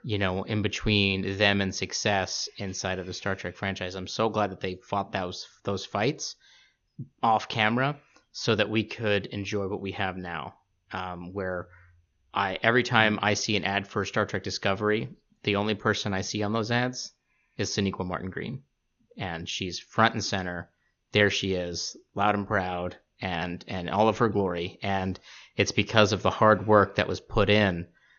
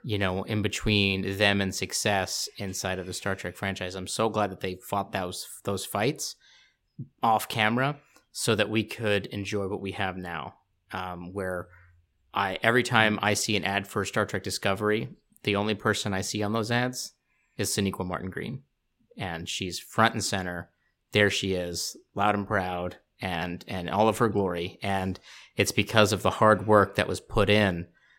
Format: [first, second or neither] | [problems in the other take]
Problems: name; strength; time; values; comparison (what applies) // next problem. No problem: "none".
second | garbled, watery; slightly; nothing above 6.5 kHz